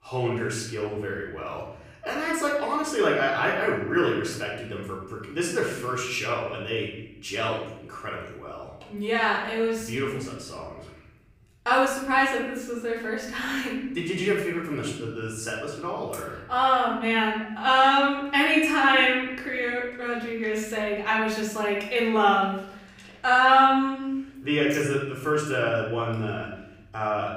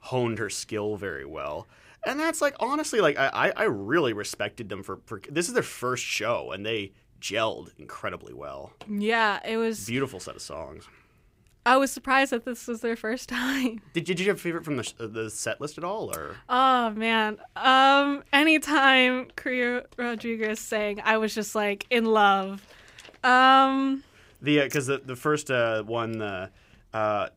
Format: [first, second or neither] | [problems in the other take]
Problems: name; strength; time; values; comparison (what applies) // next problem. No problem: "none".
second | off-mic speech; far // room echo; noticeable; dies away in 0.9 s